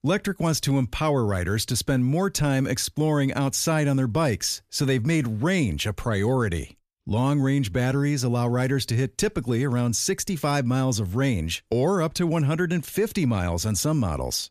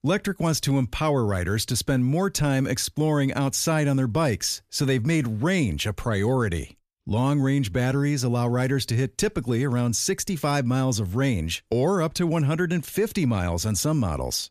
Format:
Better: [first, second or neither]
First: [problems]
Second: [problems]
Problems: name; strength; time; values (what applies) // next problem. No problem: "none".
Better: neither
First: none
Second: none